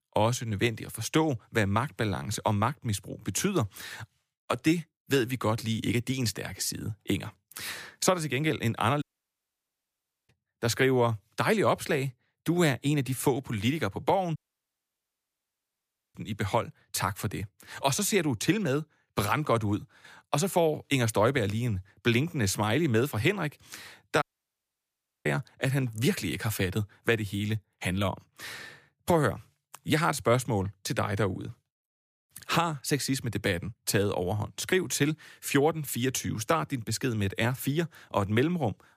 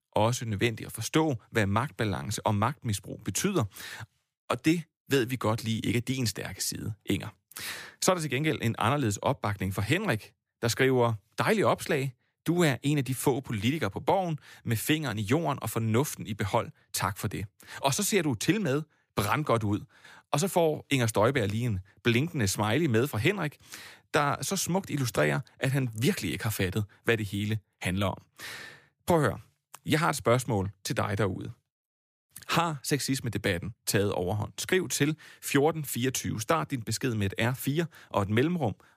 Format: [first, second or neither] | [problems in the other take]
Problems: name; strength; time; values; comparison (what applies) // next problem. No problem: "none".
second | audio cutting out; at 9 s for 1.5 s, at 14 s for 2 s and at 24 s for 1 s